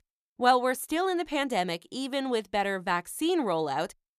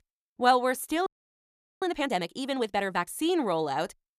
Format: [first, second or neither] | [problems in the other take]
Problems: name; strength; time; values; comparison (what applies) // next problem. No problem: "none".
first | audio freezing; at 1 s for 1 s